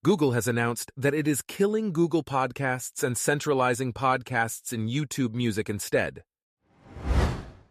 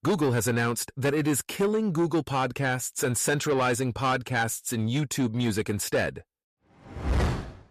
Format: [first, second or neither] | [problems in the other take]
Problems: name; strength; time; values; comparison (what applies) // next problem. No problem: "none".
first | distortion; slight; 10 dB below the speech